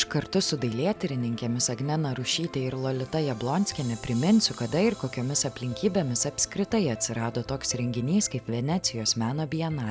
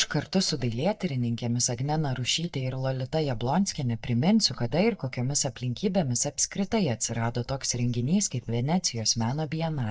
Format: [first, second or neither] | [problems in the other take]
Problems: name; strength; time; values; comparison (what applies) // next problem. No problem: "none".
first | noise reduction (neural mask model DeepFilterNet 3)